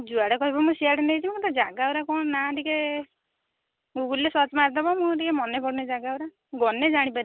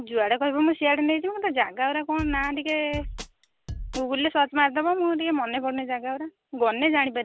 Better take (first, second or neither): first